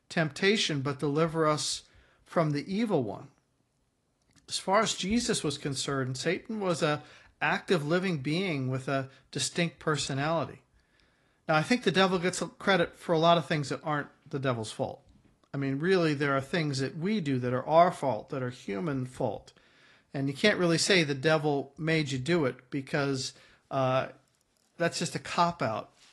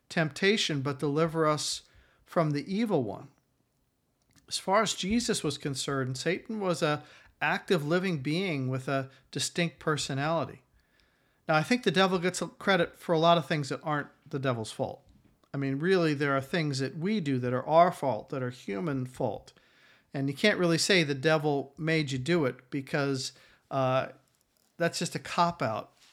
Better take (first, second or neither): second